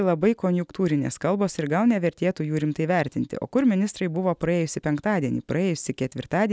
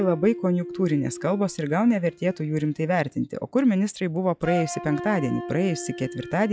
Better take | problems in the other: first | noise reduction (classical method log-MMSE)

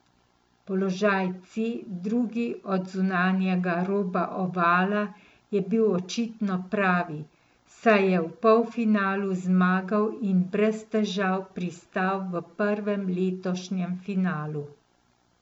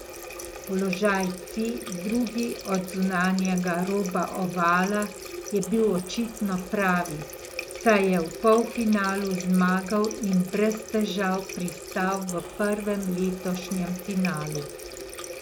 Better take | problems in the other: first | background sound (Water tap, faucet); 12 dB below the speech

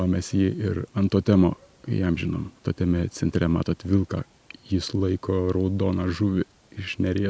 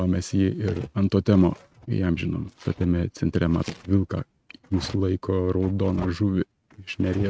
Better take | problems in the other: first | noise reduction (neural mask model RNNoise)

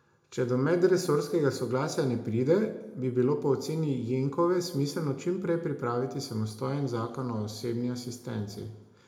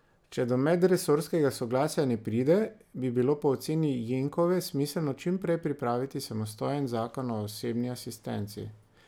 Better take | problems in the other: second | room echo; dies away in 0.6 s

